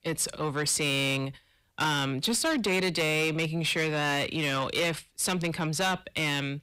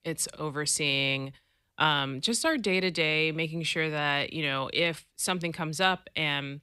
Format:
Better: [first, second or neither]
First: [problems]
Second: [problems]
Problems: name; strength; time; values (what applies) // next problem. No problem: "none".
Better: second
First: distortion; heavy; 7 dB below the speech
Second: none